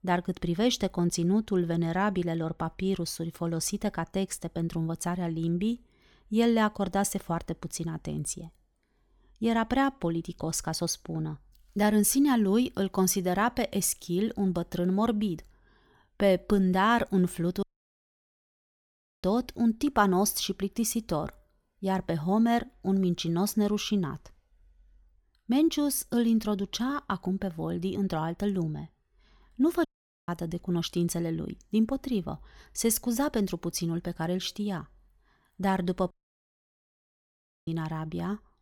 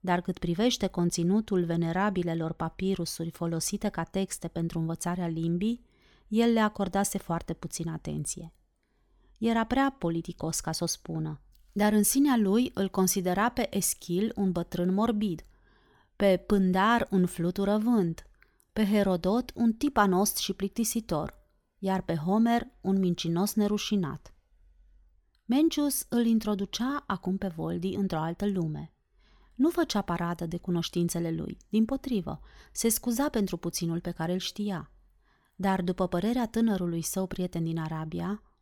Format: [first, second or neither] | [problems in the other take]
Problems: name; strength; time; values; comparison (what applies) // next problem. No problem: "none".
second | audio cutting out; at 18 s for 1.5 s, at 30 s and at 36 s for 1.5 s